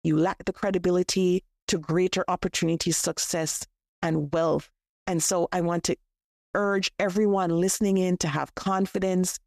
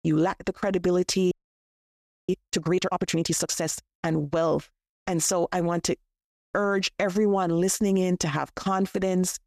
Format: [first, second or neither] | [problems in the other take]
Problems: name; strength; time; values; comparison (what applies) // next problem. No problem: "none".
first | audio freezing; at 1.5 s for 1 s